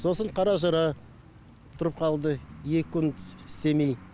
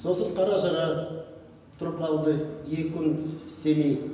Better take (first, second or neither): first